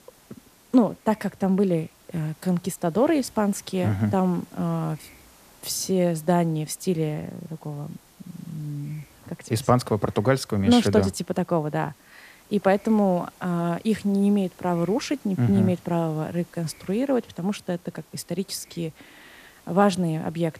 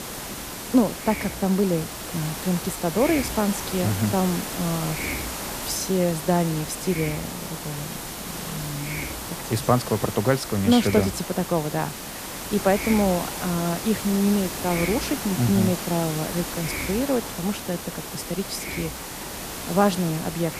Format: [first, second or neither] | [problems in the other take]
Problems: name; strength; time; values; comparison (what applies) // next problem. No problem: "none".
first | hiss; loud; throughout; 6 dB below the speech; faint in the first